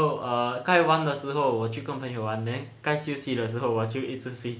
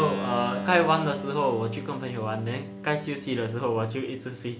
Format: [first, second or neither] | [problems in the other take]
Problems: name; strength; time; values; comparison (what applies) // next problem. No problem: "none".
first | background sound (Keyboard (musical)); 9 dB below the speech